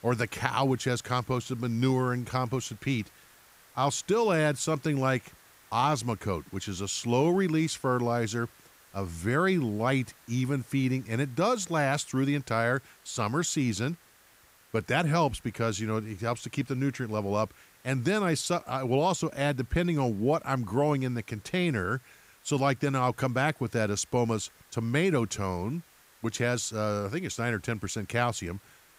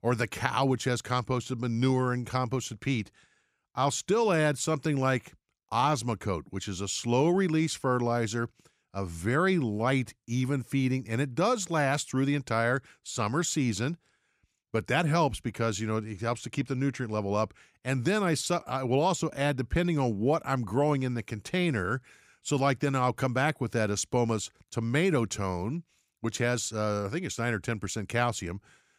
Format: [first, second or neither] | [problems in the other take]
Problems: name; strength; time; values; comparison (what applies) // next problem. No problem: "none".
second | hiss; faint; throughout; 25 dB below the speech